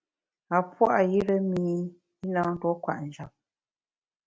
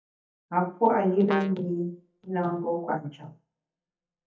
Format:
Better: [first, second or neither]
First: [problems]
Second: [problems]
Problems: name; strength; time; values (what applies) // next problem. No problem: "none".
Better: first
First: none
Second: noise reduction (neural mask model DeepFilterNet 3)